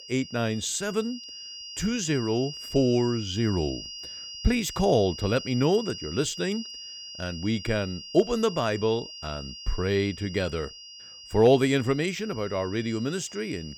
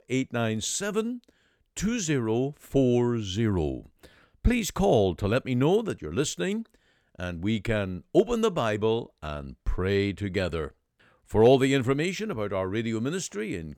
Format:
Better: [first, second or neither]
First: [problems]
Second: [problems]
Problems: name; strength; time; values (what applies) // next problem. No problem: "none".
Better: second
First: high-pitched whine; noticeable; throughout; 5 kHz, 10 dB below the speech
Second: none